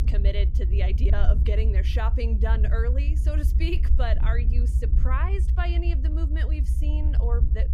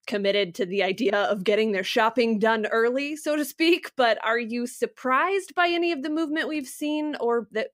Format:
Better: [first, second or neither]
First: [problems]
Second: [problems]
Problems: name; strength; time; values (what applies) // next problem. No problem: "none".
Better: second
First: low rumble; loud; throughout; 8 dB below the speech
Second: none